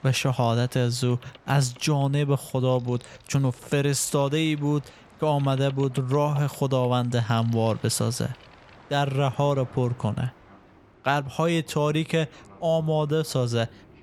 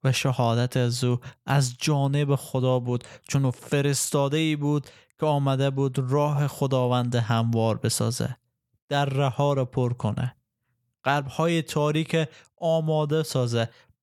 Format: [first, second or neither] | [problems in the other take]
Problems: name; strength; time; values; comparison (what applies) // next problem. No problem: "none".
second | train or aircraft noise; faint; throughout; 25 dB below the speech